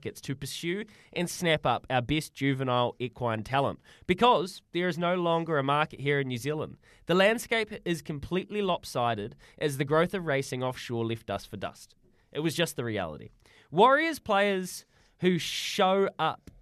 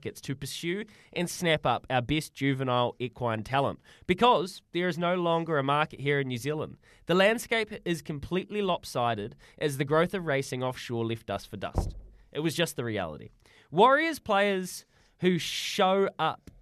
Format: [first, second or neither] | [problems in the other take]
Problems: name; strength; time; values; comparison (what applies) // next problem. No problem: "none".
first | door banging; noticeable; at 12 s; peak 7 dB below the speech